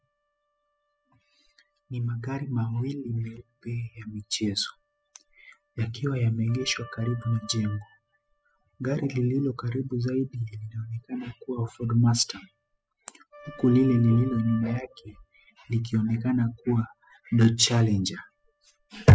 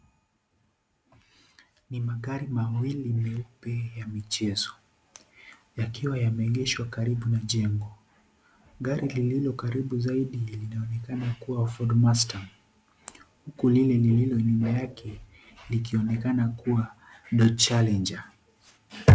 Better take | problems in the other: second | noise reduction (classical method spectral subtraction)

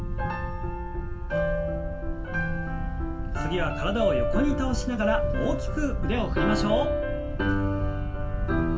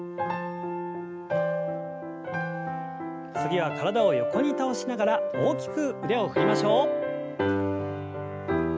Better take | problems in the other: second | background sound (Wind); 2 dB below the speech // room echo; dies away in 0.2 s

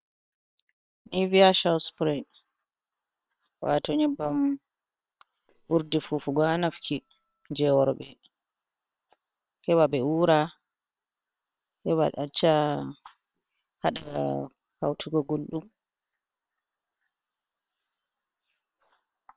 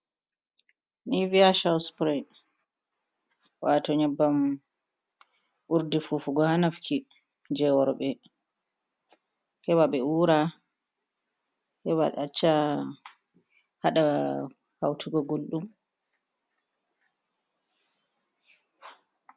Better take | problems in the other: second | noise reduction (neural separator model SepFormer WHAM!)

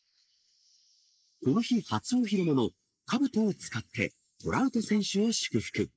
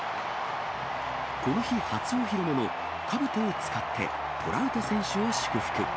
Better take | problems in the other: second | noise reduction (neural mask model Resemble Enhance denoiser)

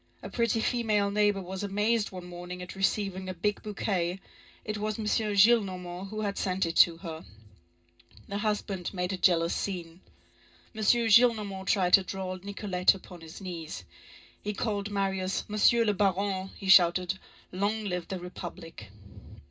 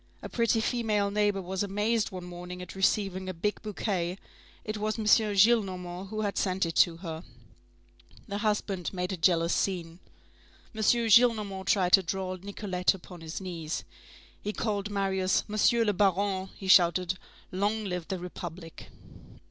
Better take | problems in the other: second | room echo; dies away in 0.2 s

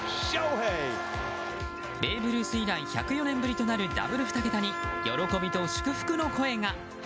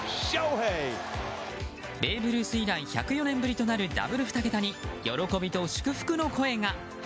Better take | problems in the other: second | background sound (Trumpet); 6 dB below the speech

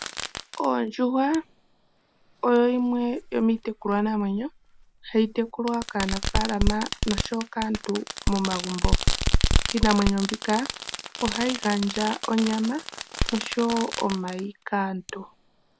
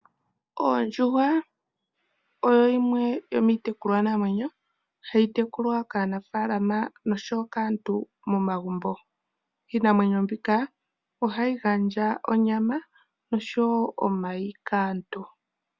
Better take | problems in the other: second | background sound (Fireworks); 3 dB below the speech

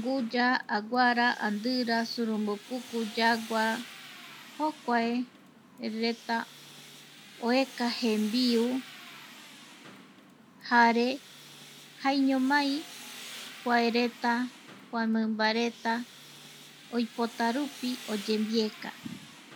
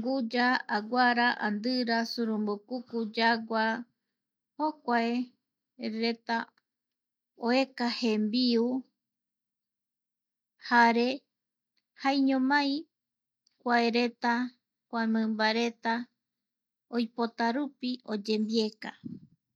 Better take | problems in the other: second | background sound (Tools); 17 dB below the speech

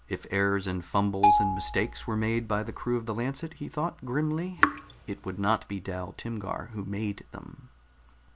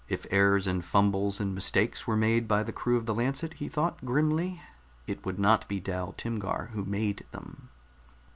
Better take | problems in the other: second | background sound (Raindrop / Drip + Marimba, xylophone); 2 dB above the speech

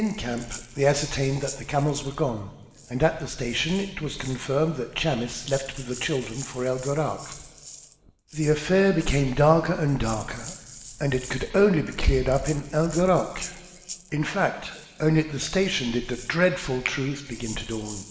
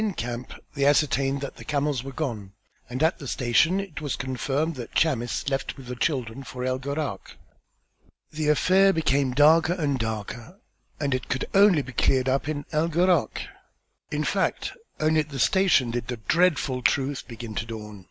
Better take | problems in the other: second | background sound (Rattle (instrument)); 19 dB below the speech // room echo; dies away in 1.7 s

